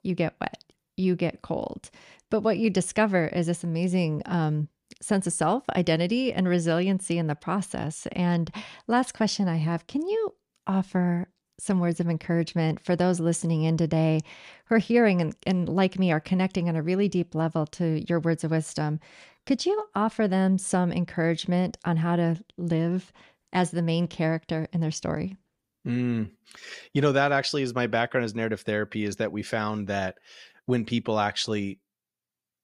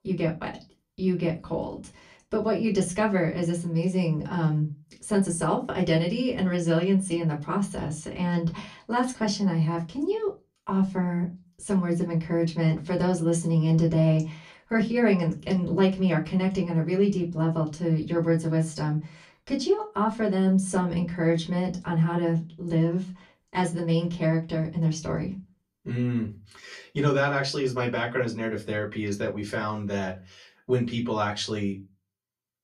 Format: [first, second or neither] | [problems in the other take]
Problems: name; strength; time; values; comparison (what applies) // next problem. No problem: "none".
first | off-mic speech; far // room echo; very slight; dies away in 0.2 s